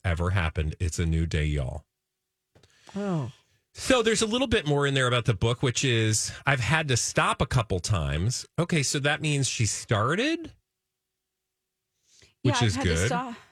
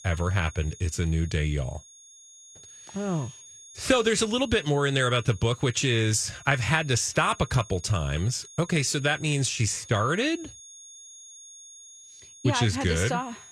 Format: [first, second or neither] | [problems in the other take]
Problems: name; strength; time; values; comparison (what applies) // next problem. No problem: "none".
first | high-pitched whine; noticeable; throughout; 6.5 kHz, 20 dB below the speech